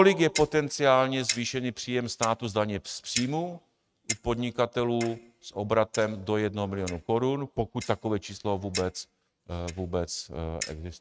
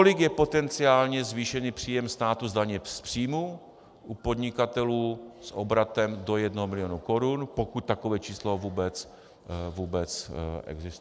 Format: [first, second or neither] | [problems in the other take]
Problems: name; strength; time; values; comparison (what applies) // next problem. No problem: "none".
second | noise reduction (neural mask model RNNoise)